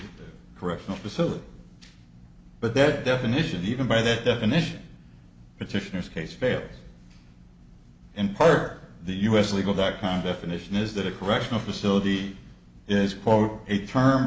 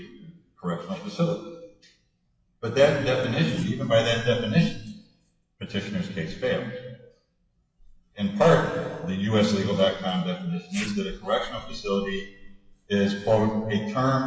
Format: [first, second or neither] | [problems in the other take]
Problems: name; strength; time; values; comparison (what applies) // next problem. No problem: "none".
first | noise reduction (classical method WPE with log-MMSE)